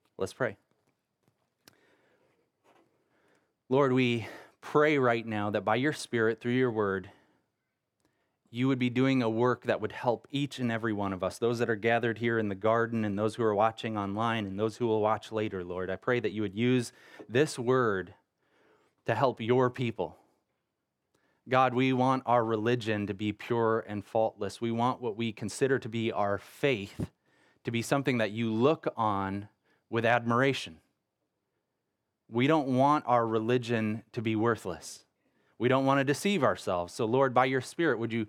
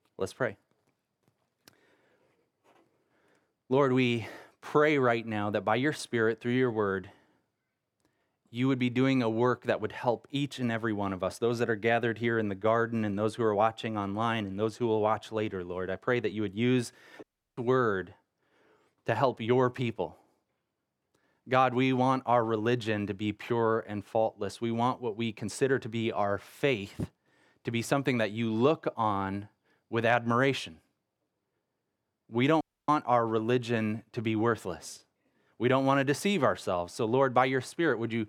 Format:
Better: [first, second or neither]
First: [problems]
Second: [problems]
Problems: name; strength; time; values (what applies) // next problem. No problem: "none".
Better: first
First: none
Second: audio cutting out; at 17 s and at 33 s